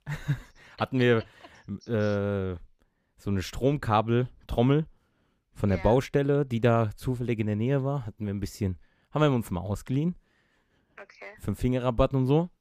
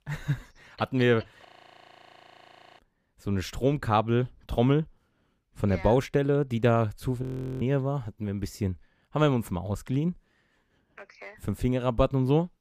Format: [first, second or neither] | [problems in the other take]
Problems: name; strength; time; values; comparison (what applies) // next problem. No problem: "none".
first | audio freezing; at 1.5 s for 1.5 s and at 7 s